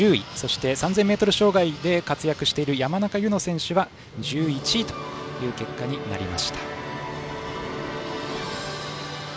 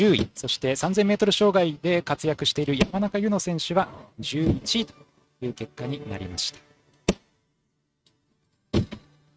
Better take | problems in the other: first | noise reduction (neural mask model RNNoise)

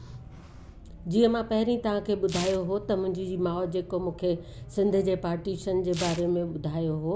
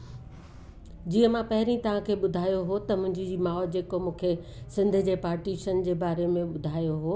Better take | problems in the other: second | background sound (Tearing); 18 dB below the speech

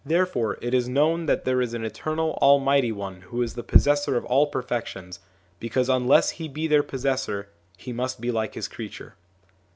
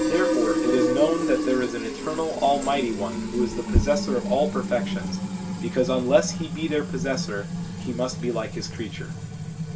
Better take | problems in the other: first | background sound (Fill (with liquid)); 2 dB below the speech // room echo; dies away in 0.2 s

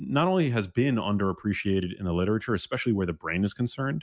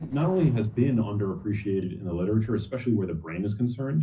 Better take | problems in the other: first | noise reduction (neural separator model SepFormer DNS4)

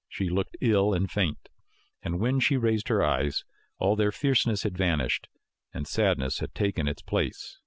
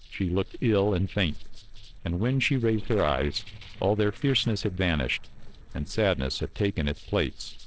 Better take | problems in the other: first | noise reduction (neural separator model SepFormer DNS4)

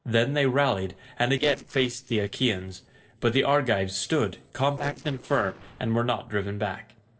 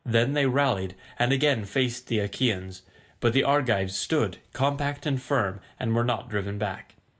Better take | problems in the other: second | noise reduction (neural separator model SepFormer DNS4)

